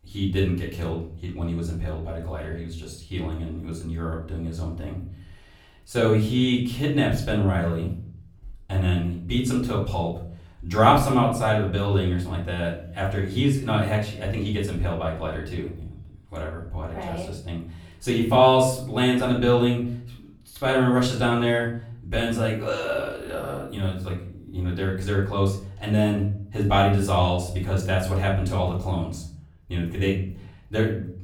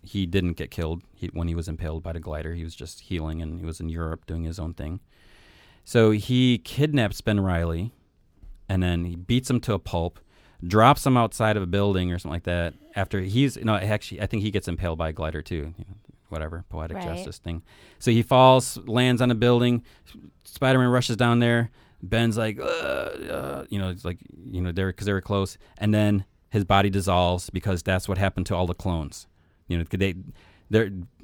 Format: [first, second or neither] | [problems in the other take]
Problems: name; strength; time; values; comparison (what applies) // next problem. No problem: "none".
second | off-mic speech; far // room echo; slight; dies away in 0.5 s